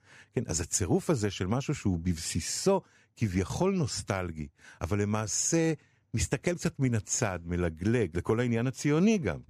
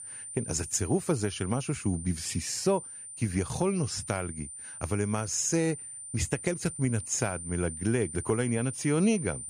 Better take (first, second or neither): first